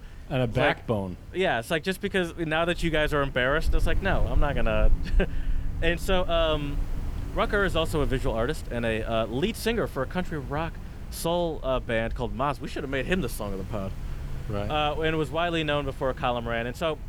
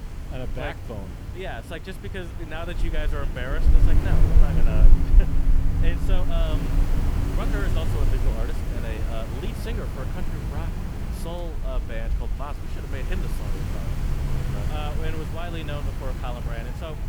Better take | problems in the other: first | wind noise on the microphone; heavy; 2 dB below the speech; occasional gusts in the first

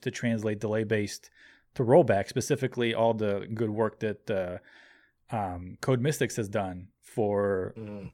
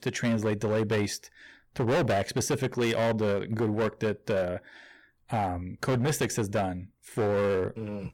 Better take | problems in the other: first | distortion; heavy; 14% of the sound clipped

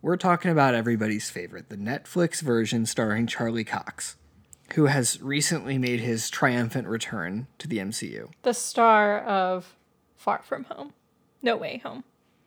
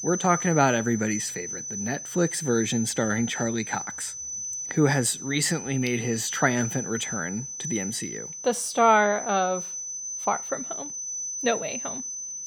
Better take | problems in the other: first | high-pitched whine; loud; throughout; 6 kHz, 6 dB below the speech

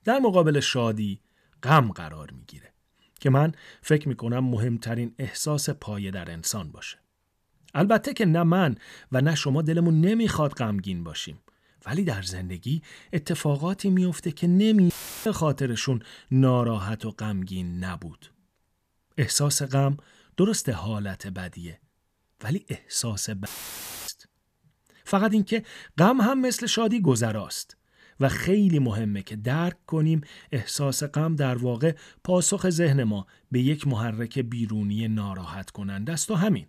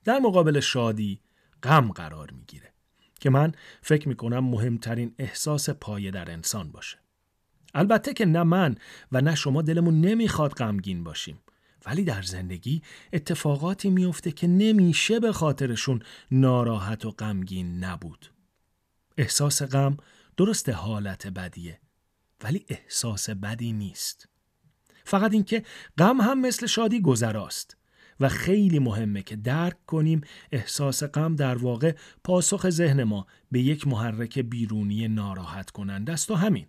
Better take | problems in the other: second | audio cutting out; filled with static; at 15 s and at 23 s for 0.5 s

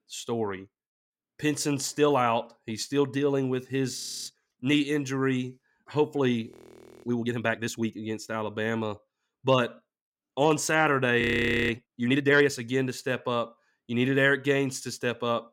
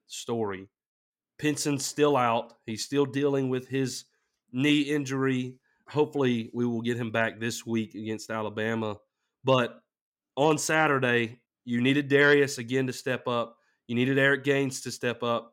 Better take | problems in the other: second | audio freezing; at 4 s, at 6.5 s for 0.5 s and at 11 s

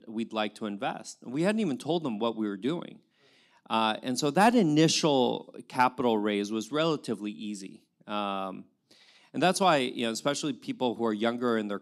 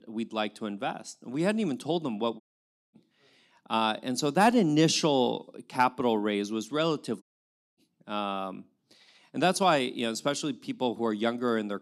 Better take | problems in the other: first | audio cutting out; at 2.5 s for 0.5 s and at 7 s for 0.5 s

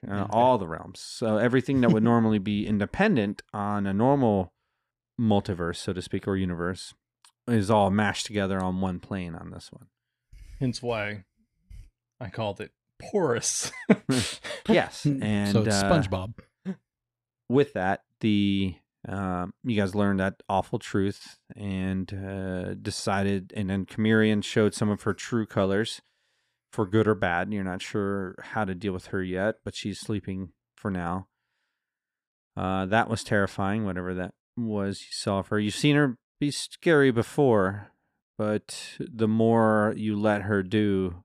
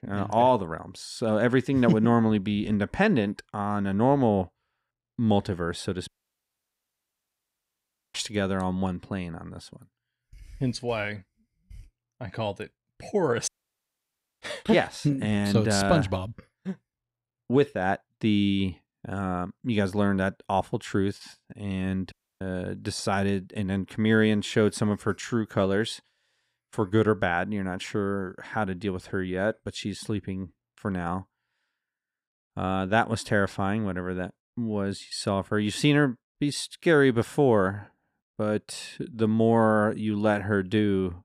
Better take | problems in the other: first | audio cutting out; at 6 s for 2 s, at 13 s for 1 s and at 22 s

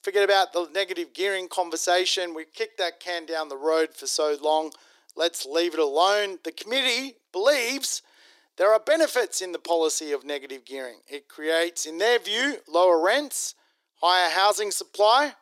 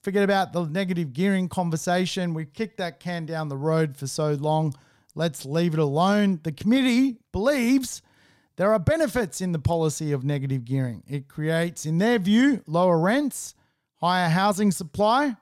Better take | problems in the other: second | thin; very; fading below 350 Hz

